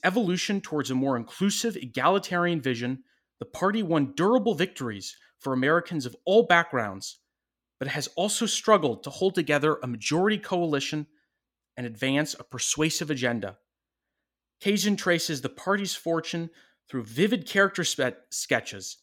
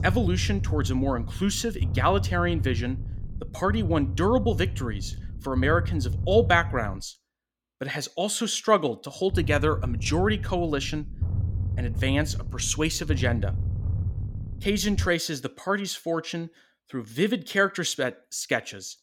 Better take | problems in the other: first | low rumble; noticeable; until 7 s and from 9.5 to 15 s; 20 dB below the speech

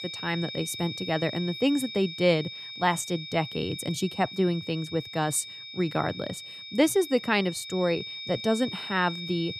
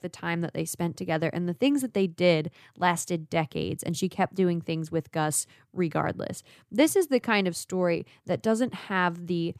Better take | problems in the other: second | high-pitched whine; loud; throughout; 3.5 kHz, 9 dB below the speech

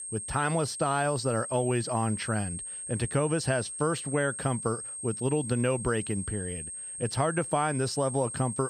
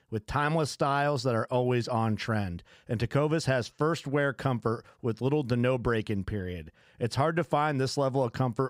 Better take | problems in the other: second | high-pitched whine; loud; throughout; 8.5 kHz, 6 dB below the speech

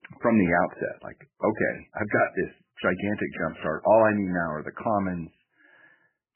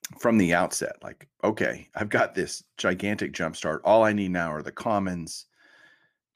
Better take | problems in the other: second | garbled, watery; badly; nothing above 3 kHz

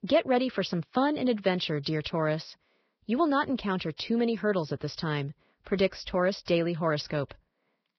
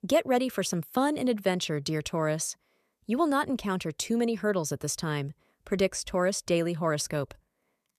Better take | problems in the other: second | garbled, watery; badly; nothing above 5.5 kHz

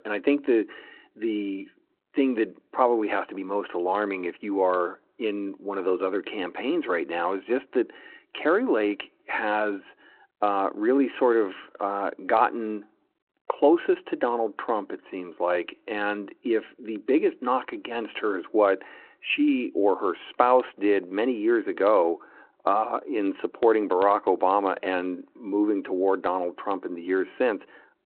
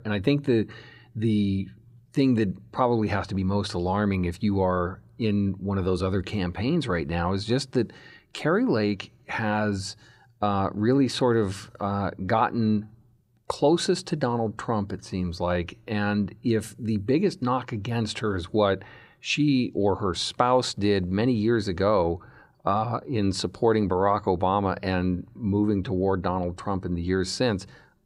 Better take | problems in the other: second | phone-call audio

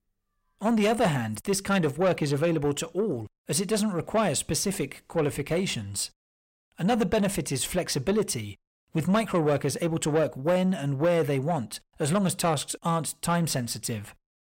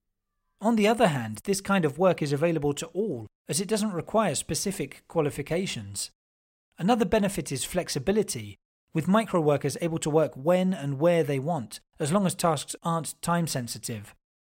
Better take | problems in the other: second | distortion; slight; 10 dB below the speech

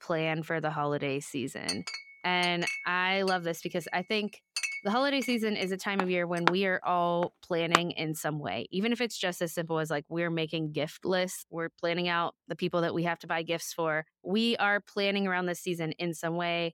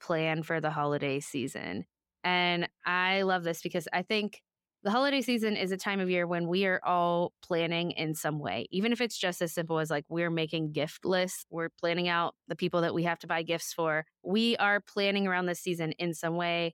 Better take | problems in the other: second | clattering dishes; loud; from 1.5 to 8 s; peak 2 dB above the speech

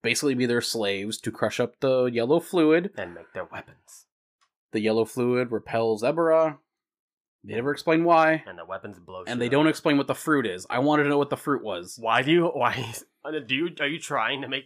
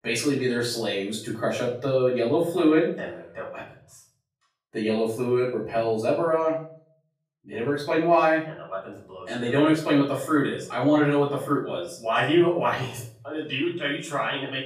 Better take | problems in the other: first | off-mic speech; far // room echo; slight; dies away in 0.4 s

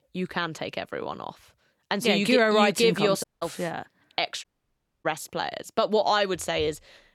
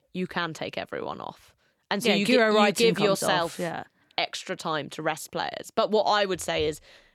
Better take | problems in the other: second | audio cutting out; at 3 s and at 4.5 s for 0.5 s

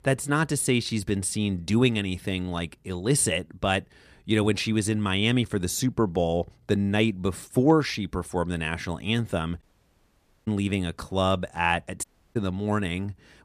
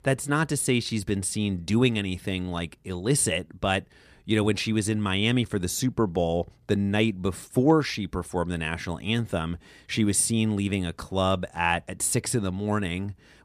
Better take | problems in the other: second | audio cutting out; at 9.5 s for 1 s and at 12 s

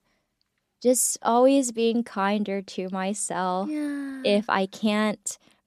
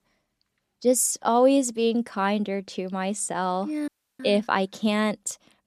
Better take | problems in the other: first | audio cutting out; at 4 s

